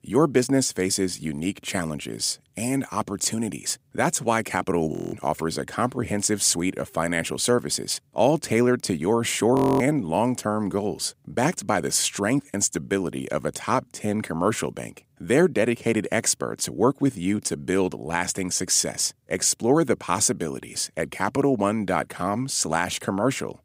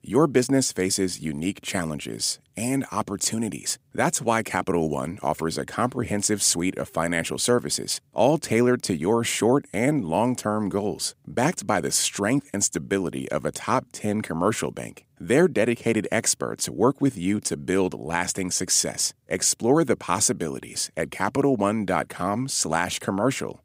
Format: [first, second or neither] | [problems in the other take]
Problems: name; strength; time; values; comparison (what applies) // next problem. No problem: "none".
second | audio freezing; at 5 s and at 9.5 s